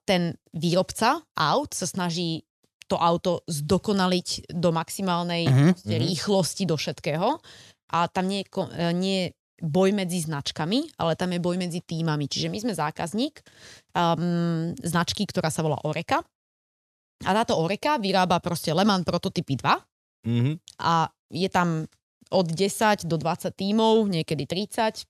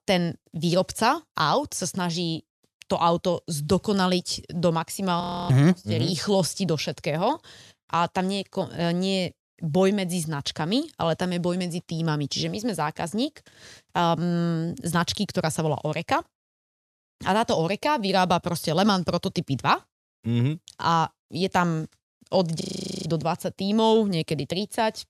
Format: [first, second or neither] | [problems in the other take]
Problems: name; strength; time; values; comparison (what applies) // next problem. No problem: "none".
first | audio freezing; at 5 s and at 23 s